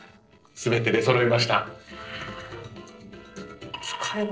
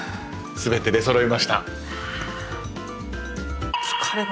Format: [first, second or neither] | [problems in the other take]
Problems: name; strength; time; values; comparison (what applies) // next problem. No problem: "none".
second | noise reduction (neural separator model SepFormer DNS4)